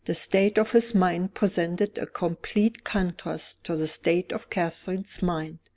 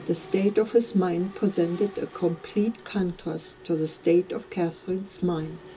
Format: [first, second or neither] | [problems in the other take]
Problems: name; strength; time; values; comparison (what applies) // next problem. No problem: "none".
first | background sound (Mechanisms); 19 dB below the speech // room echo; dies away in 0.2 s